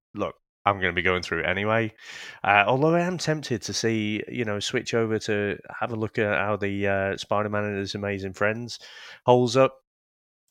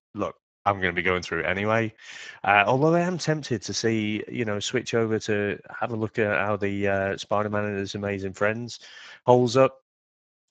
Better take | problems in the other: first | garbled, watery; badly

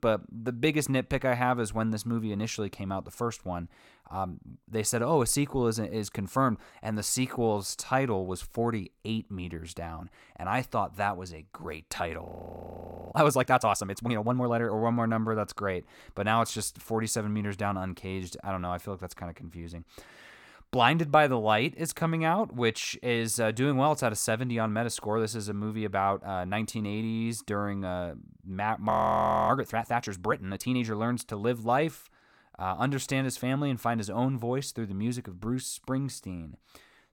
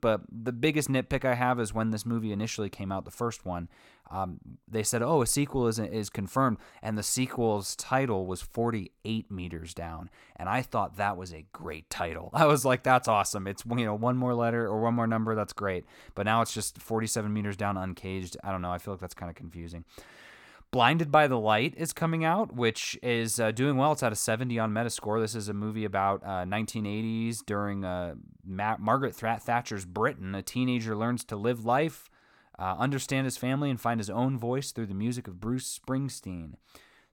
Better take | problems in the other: second | audio freezing; at 12 s for 1 s and at 29 s for 0.5 s

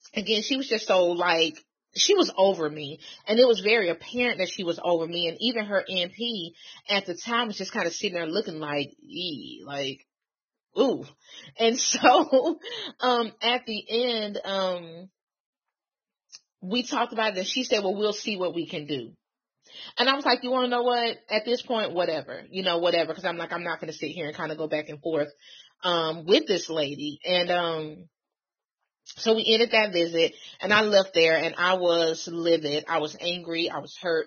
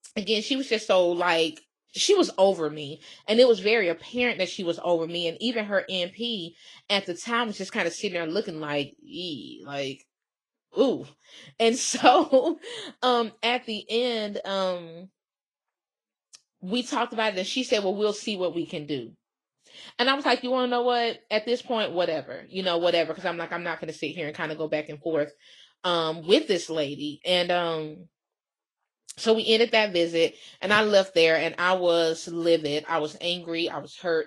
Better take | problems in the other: second | garbled, watery; badly; nothing above 6.5 kHz; slightly in the second

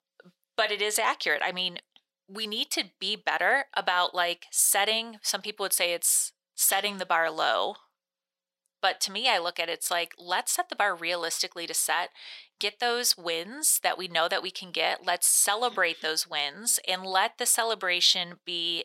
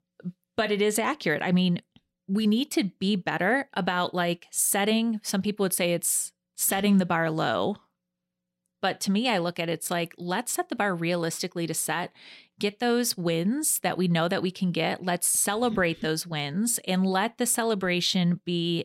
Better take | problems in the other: second | thin; very; fading below 750 Hz

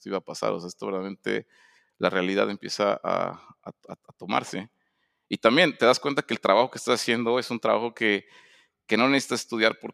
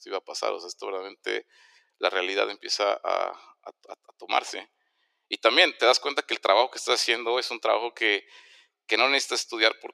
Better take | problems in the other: first | thin; very; fading below 350 Hz

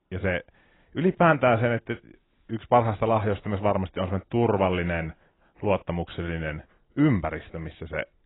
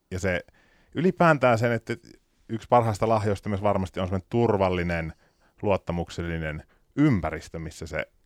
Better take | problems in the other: second | garbled, watery; badly; nothing above 3.5 kHz

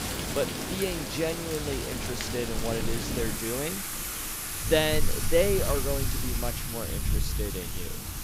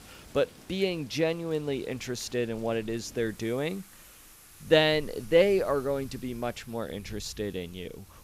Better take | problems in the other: second | rain or running water; loud; throughout; as loud as the speech; faint in the second

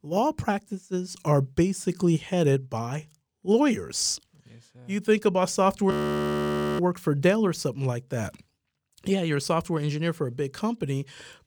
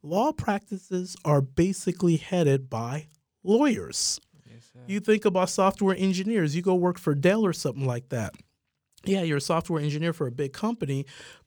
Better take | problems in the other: second | audio freezing; at 6 s for 1 s

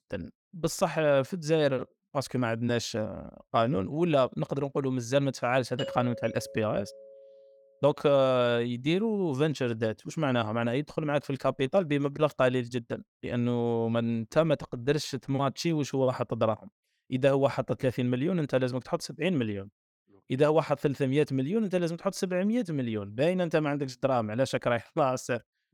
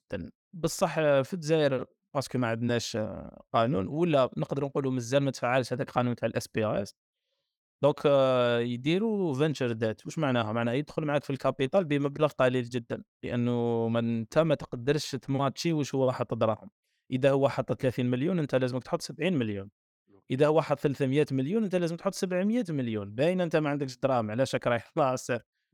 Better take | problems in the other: second | doorbell; noticeable; from 6 to 7.5 s; peak 9 dB below the speech

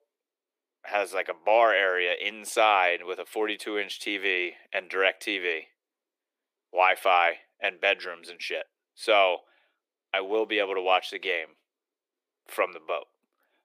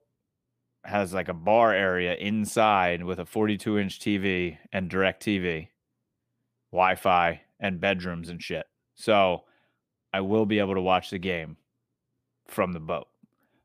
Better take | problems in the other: second | thin; very; fading below 350 Hz

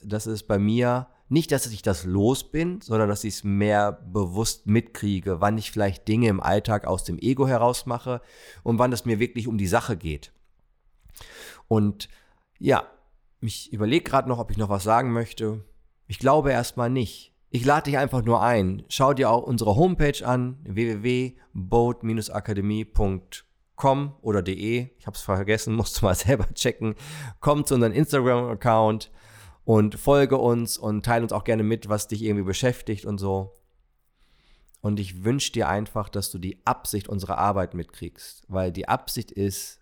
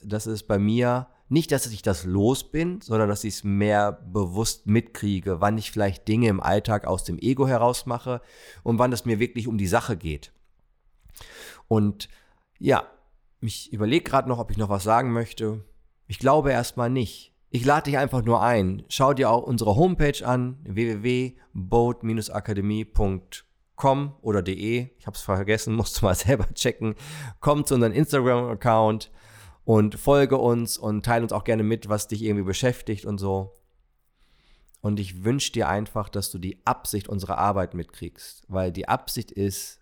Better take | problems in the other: neither | none

